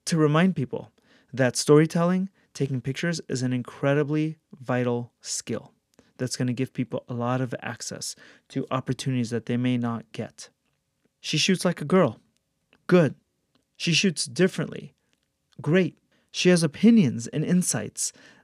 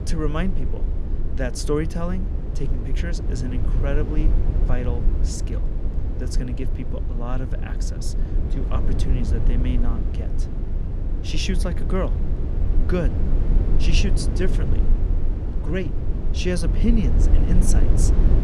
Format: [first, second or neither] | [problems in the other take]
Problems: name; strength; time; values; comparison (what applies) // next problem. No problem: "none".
first | low rumble; loud; throughout; 5 dB below the speech